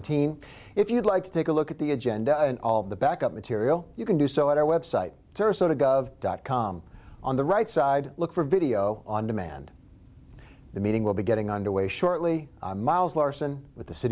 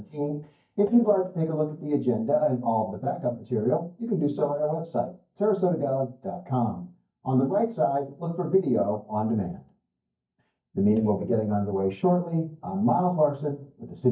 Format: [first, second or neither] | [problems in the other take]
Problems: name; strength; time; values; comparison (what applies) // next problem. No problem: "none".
first | noise reduction (neural mask model DeepFilterNet 3)